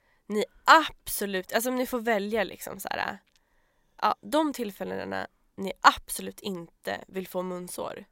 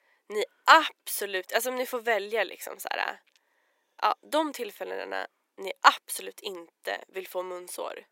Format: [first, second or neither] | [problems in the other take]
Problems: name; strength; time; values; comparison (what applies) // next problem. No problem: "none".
first | thin; somewhat; fading below 350 Hz